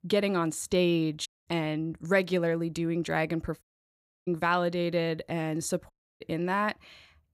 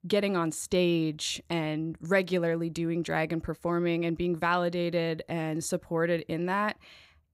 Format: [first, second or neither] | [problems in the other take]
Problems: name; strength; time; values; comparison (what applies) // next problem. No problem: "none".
second | audio cutting out; at 1.5 s, at 3.5 s for 0.5 s and at 6 s